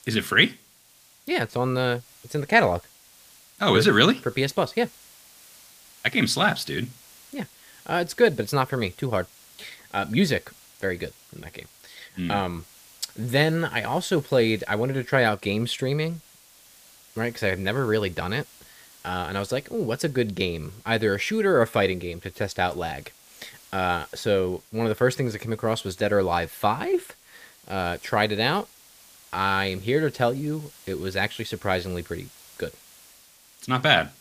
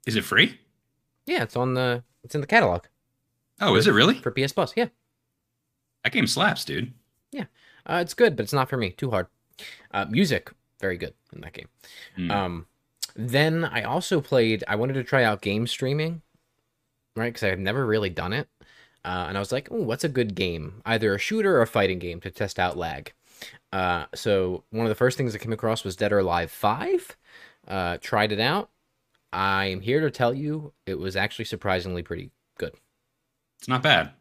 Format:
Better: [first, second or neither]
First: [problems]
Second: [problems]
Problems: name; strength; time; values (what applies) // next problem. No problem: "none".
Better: second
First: hiss; faint; throughout; 25 dB below the speech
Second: none